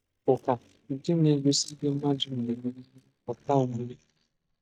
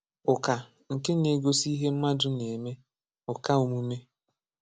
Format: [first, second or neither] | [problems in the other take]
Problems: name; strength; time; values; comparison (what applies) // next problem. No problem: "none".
second | noise reduction (neural mask model DeepFilterNet 3)